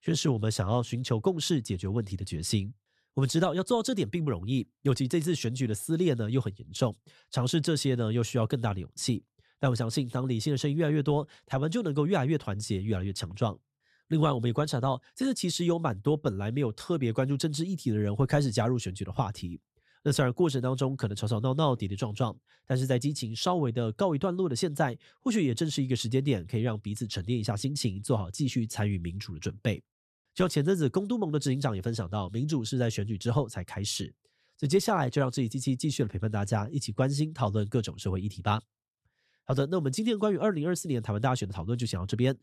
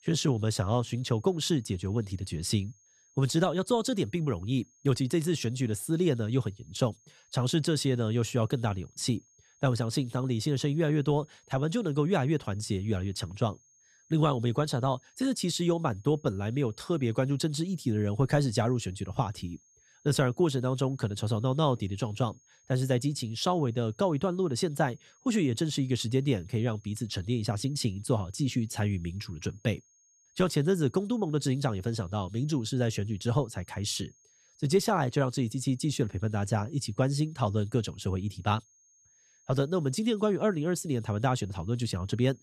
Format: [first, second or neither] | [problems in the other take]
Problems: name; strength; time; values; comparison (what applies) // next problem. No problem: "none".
first | high-pitched whine; faint; throughout; 6.5 kHz, 30 dB below the speech